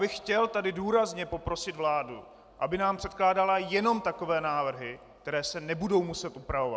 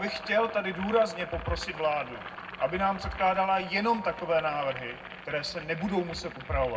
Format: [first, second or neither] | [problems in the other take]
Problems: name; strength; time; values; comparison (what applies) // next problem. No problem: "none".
first | background sound (Boiling); 13 dB below the speech // room echo; dies away in 0.3 s